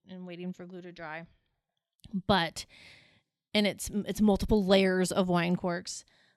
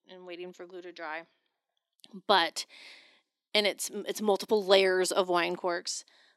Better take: first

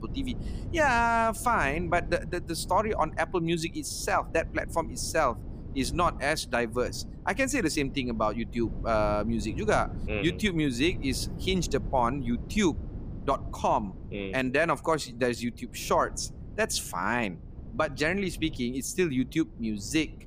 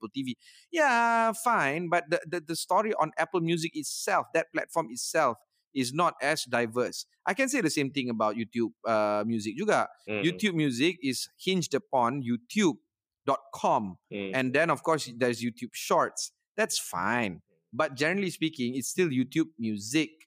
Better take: second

